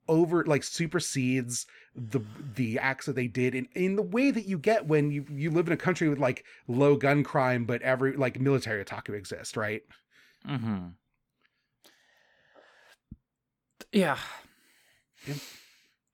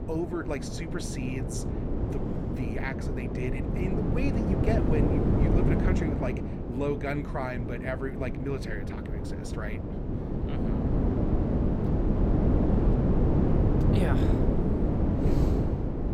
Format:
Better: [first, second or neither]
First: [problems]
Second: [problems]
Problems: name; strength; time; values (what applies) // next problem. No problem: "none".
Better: first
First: none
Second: wind noise on the microphone; heavy; 2 dB above the speech